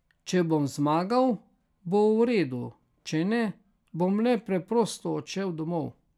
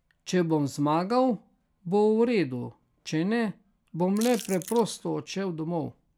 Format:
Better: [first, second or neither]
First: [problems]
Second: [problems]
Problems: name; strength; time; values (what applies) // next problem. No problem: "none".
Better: first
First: none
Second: background sound (Chewing, mastication / Crushing); 15 dB below the speech